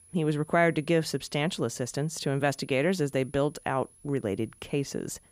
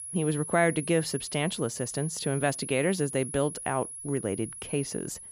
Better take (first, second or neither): first